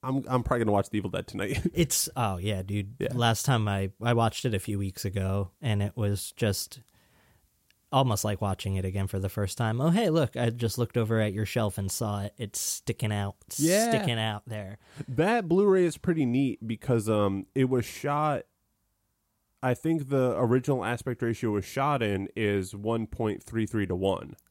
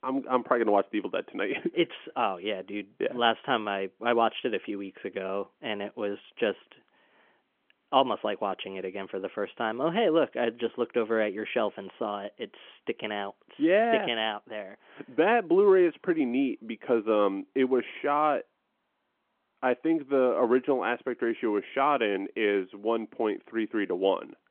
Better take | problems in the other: first | phone-call audio; nothing above 3.5 kHz

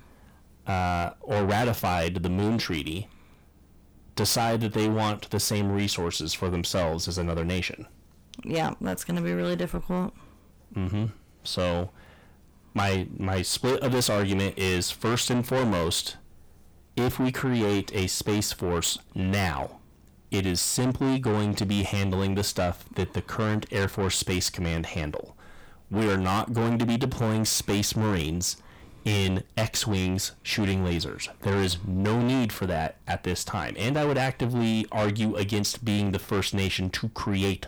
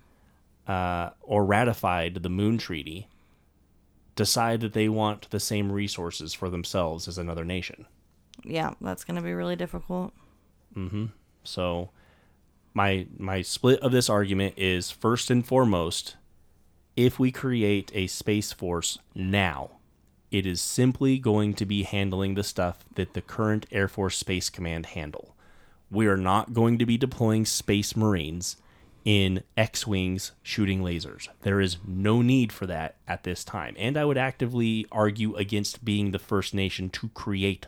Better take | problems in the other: second | distortion; heavy; 6 dB below the speech

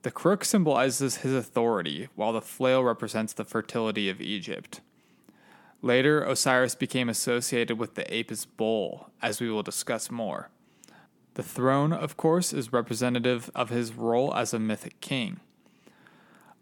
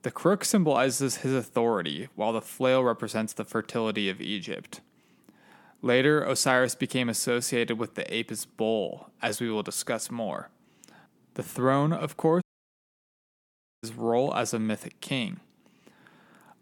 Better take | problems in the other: first | audio cutting out; at 12 s for 1.5 s

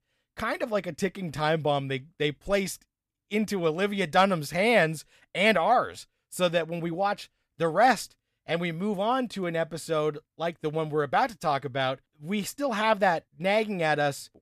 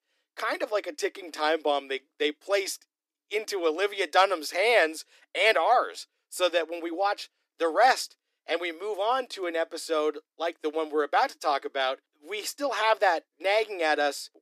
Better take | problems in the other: first | thin; very; fading below 300 Hz

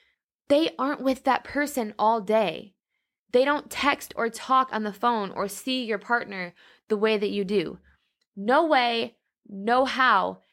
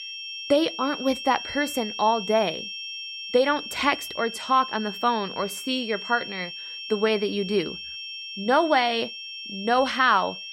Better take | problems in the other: first | high-pitched whine; loud; throughout; 3 kHz, 9 dB below the speech

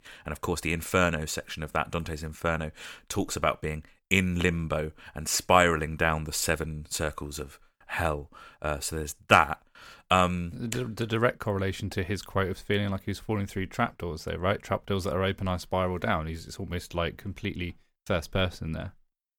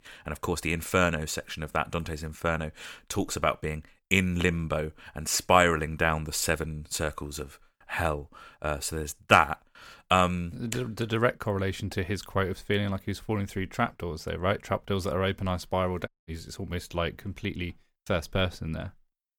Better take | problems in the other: first | audio cutting out; at 16 s

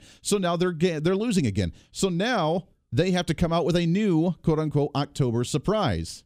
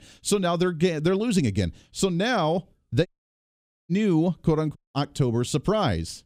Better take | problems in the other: first | audio cutting out; at 3 s for 1 s and at 5 s

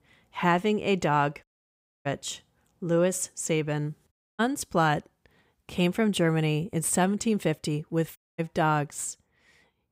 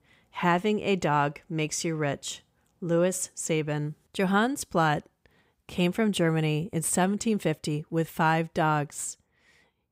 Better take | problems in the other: second | audio cutting out; at 1.5 s for 0.5 s, at 4 s and at 8 s

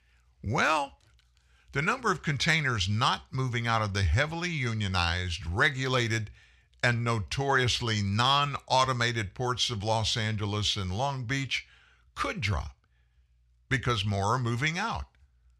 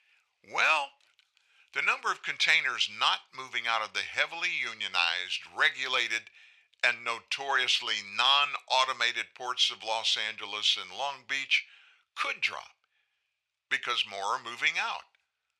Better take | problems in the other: first | thin; very; fading below 700 Hz

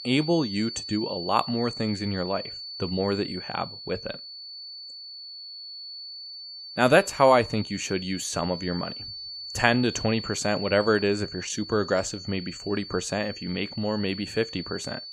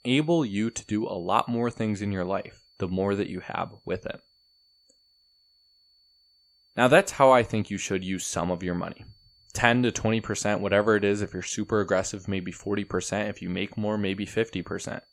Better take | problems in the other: second | high-pitched whine; loud; throughout; 4.5 kHz, 10 dB below the speech; faint in the second

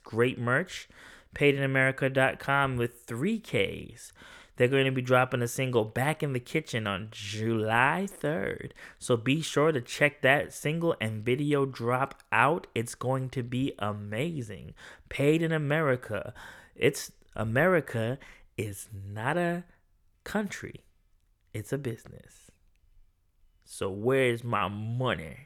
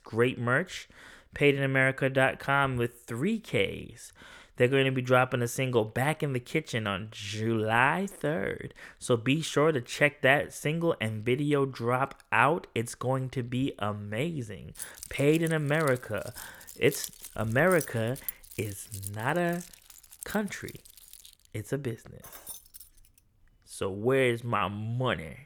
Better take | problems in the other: first | jangling keys; noticeable; from 15 to 21 s; peak 10 dB below the speech // jangling keys; faint; at 22 s; peak 15 dB below the speech

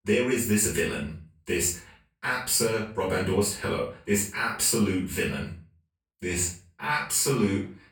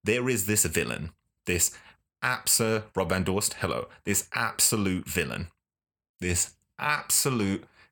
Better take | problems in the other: second | off-mic speech; far // room echo; noticeable; dies away in 0.3 s

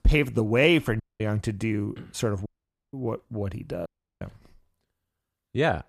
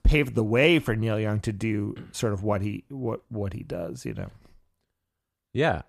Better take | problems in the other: second | audio cutting out; at 1 s, at 2.5 s and at 4 s

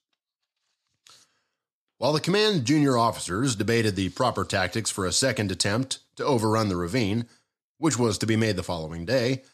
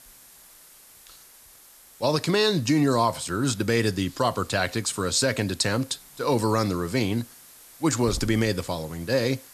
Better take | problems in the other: first | hiss; faint; throughout; 20 dB below the speech

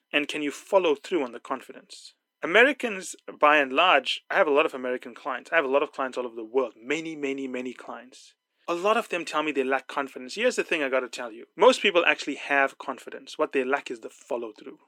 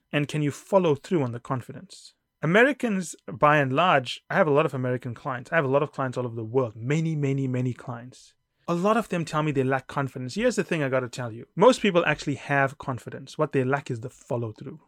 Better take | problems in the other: second | thin; somewhat; fading below 250 Hz

